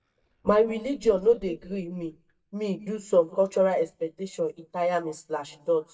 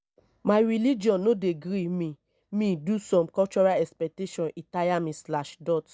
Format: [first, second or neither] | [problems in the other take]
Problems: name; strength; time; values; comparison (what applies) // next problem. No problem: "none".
second | noise reduction (neural mask model DeepFilterNet 3)